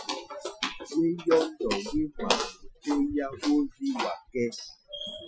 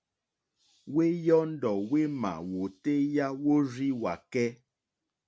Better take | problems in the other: second | noise reduction (classical method Wiener filter)

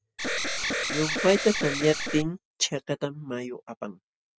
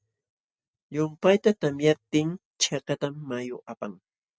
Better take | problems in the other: second | background sound (Alarm); 1 dB below the speech

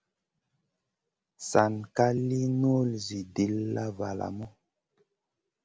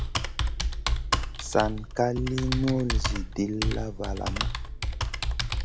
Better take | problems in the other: first | background sound (Computer keyboard); 2 dB above the speech

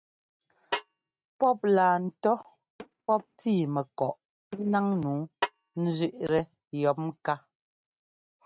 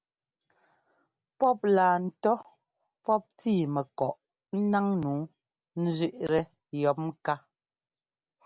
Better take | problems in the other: second | noise reduction (neural mask model RNNoise)

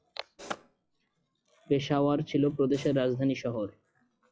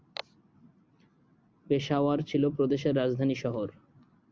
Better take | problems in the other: second | noise reduction (classical method log-MMSE)

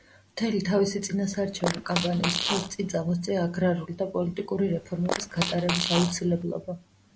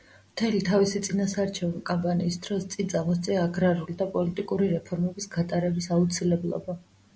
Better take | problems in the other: second | background sound (Fart); 4 dB below the speech

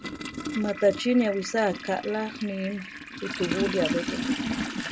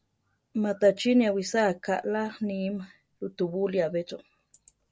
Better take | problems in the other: second | background sound (Toilet flush); 5 dB below the speech

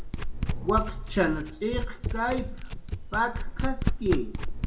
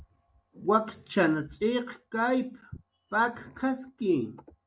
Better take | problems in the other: second | background sound (Domestic sounds, home sounds); 1 dB above the speech // room echo; dies away in 0.5 s

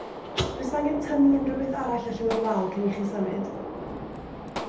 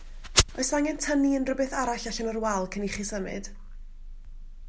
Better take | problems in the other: second | background sound (Gunshot, gunfire); 9 dB below the speech // room echo; dies away in 0.7 s

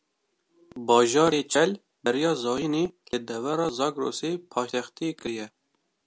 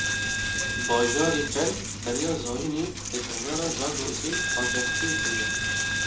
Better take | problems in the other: first | background sound (Coin (dropping)); 2 dB above the speech // room echo; dies away in 0.4 s

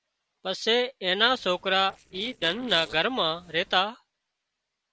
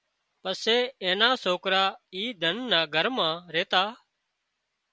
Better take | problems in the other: second | noise reduction (neural separator model SepFormer DNS4)

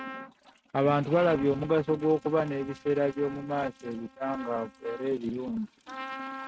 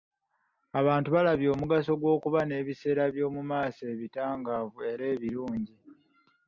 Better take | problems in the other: second | noise reduction (neural mask model RNNoise)

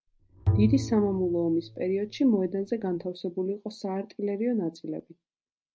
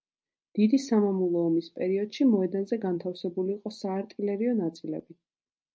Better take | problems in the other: second | background sound (Bowed string instrument); 4 dB below the speech

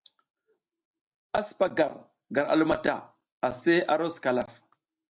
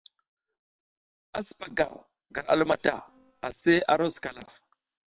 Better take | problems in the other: first | noise reduction (neural separator model SepFormer WHAM!)

